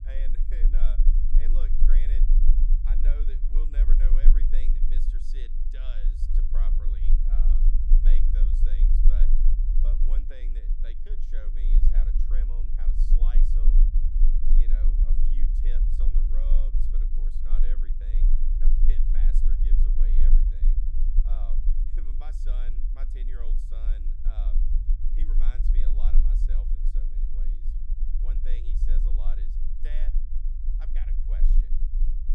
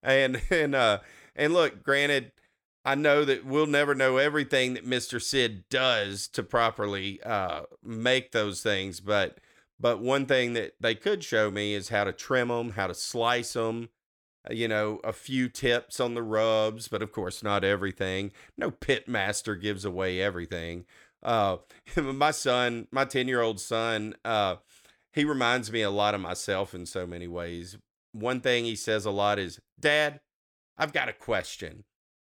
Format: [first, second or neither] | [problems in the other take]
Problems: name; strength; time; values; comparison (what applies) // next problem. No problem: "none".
second | low rumble; loud; throughout; 1 dB below the speech